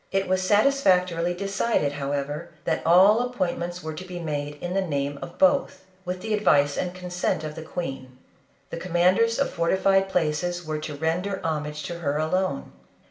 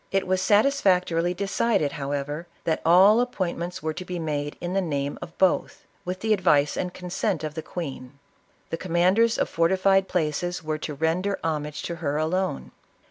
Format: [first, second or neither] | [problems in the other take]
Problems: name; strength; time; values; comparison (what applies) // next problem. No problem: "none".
second | room echo; dies away in 0.6 s